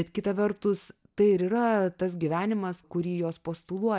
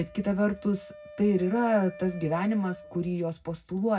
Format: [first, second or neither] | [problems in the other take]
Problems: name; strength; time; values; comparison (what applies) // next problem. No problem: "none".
first | background sound (Wind instrument, woodwind instrument); 19 dB below the speech // room echo; dies away in 0.4 s